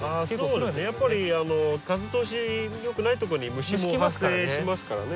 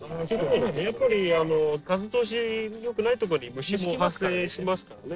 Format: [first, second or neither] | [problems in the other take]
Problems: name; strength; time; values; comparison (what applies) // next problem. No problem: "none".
first | noise reduction (neural separator model SepFormer DNS4)